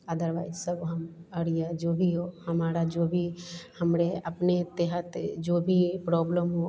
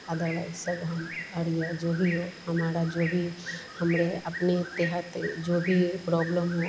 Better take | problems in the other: first | background sound (Bird); 11 dB below the speech

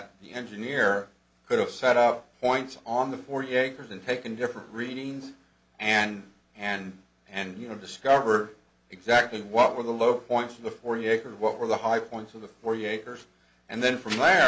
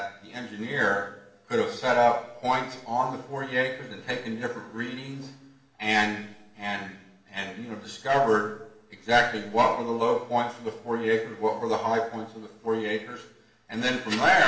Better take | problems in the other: first | room echo; dies away in 0.8 s

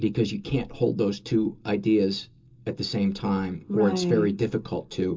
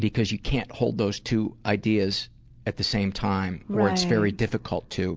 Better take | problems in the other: second | room echo; dies away in 0.2 s

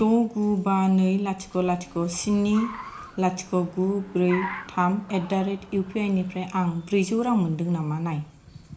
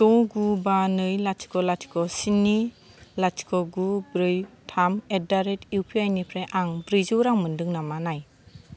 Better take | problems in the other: second | background sound (Car); 18 dB below the speech // room echo; dies away in 0.4 s

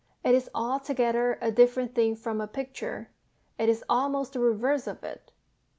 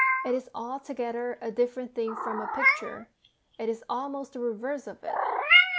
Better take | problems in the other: first | background sound (Meow); 4 dB above the speech

